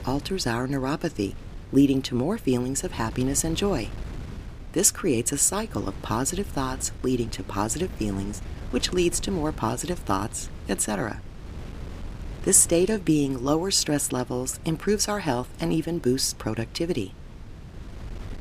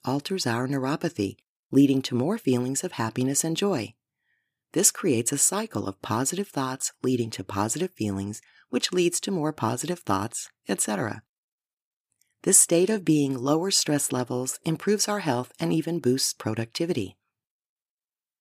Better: second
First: wind noise on the microphone; occasional gusts; 20 dB below the speech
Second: none

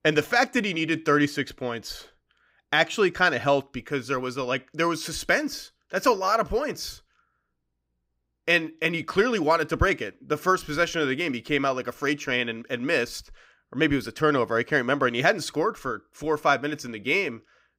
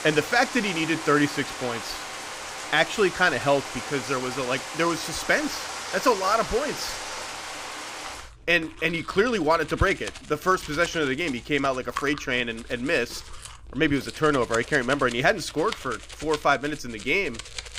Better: first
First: none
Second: household noises; noticeable; throughout; 10 dB below the speech

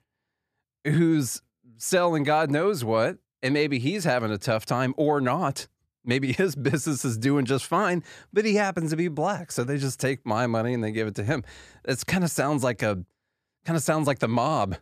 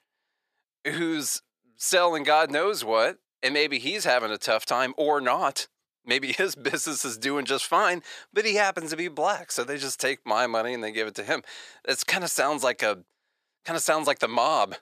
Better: first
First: none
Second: thin; somewhat; fading below 500 Hz

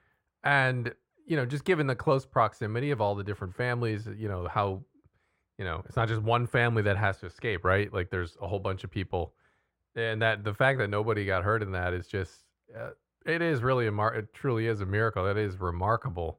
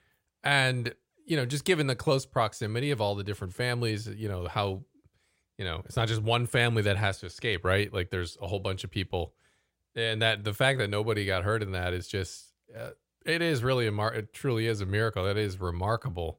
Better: second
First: muffled; slightly; fading above 3 kHz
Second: none

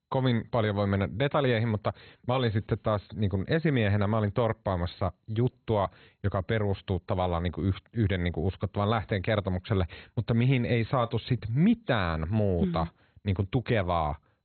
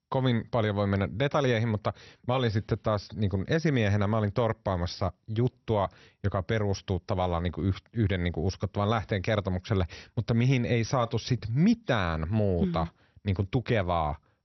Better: second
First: garbled, watery; badly; nothing above 4 kHz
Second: garbled, watery; slightly; nothing above 6 kHz

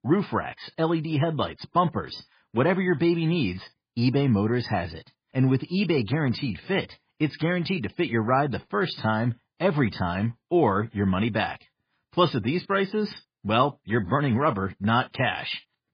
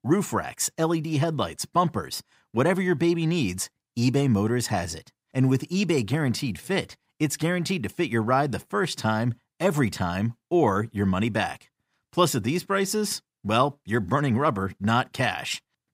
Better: second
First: garbled, watery; badly; nothing above 5 kHz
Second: none

